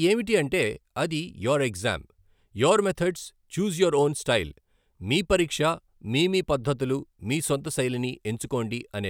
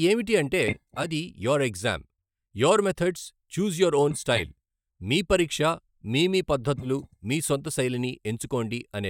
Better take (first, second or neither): first